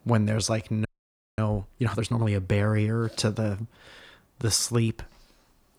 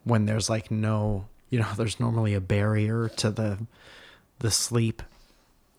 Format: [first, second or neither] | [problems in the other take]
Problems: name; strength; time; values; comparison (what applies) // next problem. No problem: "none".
second | audio freezing; at 1 s for 0.5 s